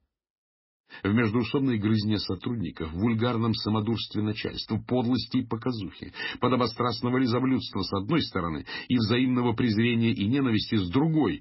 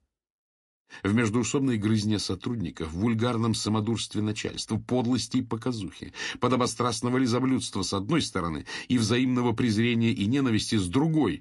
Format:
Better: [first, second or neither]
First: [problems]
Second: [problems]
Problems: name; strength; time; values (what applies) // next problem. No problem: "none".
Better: second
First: garbled, watery; badly; nothing above 5.5 kHz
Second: garbled, watery; slightly; nothing above 11 kHz